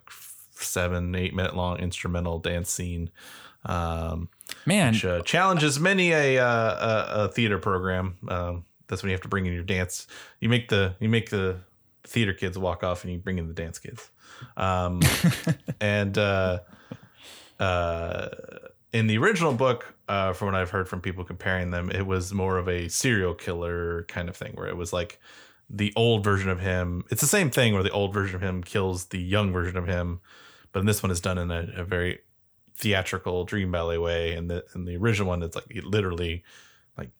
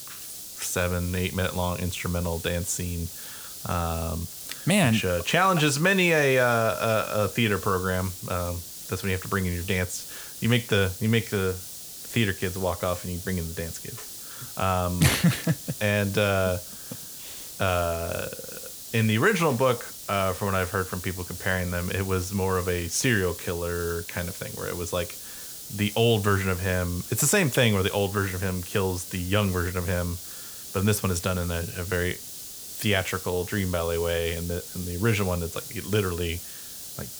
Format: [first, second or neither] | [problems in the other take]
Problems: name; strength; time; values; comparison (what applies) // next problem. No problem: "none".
first | hiss; noticeable; throughout; 10 dB below the speech